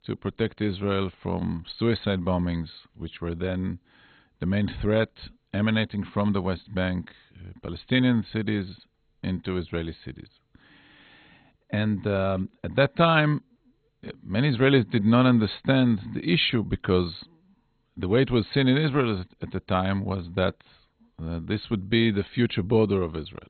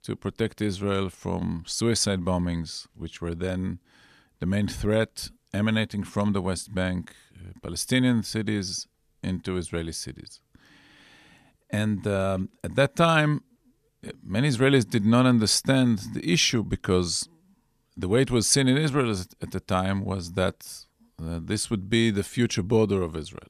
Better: second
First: garbled, watery; badly; nothing above 4 kHz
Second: none

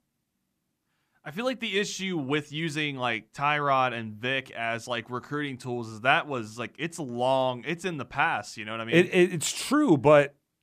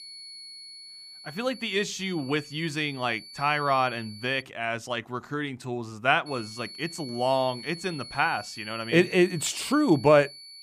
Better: first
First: none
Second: high-pitched whine; noticeable; until 4.5 s and from 6.5 s on; 4.5 kHz, 15 dB below the speech

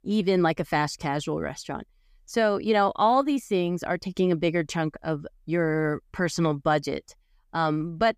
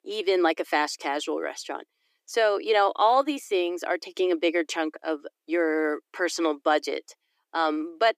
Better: first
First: none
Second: thin; somewhat; fading below 300 Hz

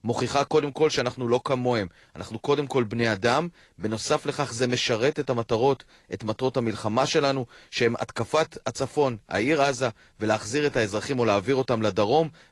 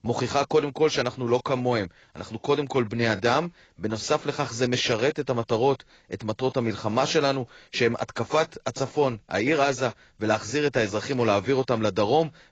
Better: first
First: garbled, watery; slightly; nothing above 11 kHz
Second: garbled, watery; badly; nothing above 7.5 kHz

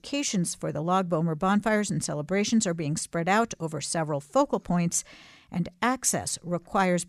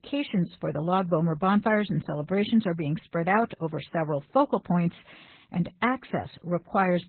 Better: first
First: none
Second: garbled, watery; badly; nothing above 4 kHz

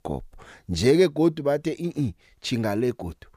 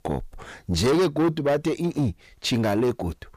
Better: first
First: none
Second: distortion; heavy; 8 dB below the speech

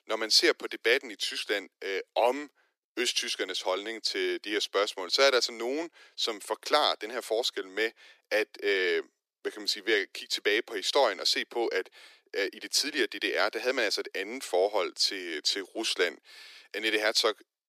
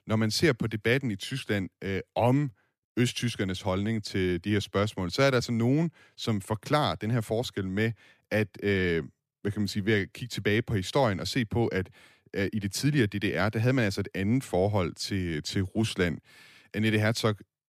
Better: second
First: thin; very; fading below 350 Hz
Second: none

